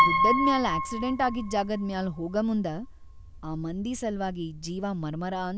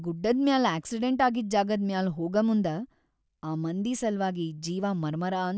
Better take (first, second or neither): second